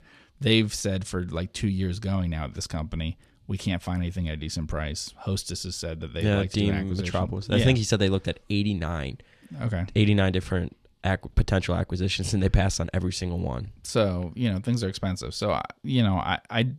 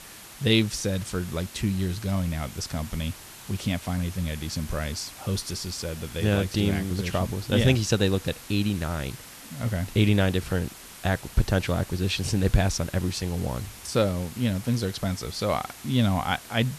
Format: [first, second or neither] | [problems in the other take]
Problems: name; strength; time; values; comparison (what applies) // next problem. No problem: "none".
first | hiss; noticeable; throughout; 15 dB below the speech